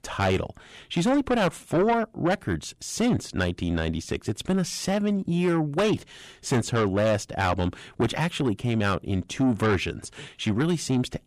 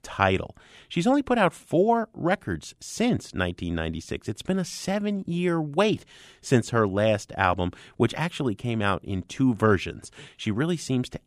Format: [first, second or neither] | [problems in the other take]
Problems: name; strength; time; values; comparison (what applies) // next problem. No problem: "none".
second | distortion; heavy; 8 dB below the speech